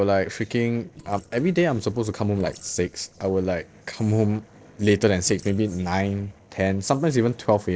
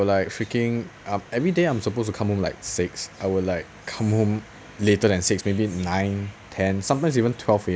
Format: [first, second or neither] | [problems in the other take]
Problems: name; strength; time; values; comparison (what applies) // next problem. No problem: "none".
second | noise reduction (neural separator model SepFormer DNS4)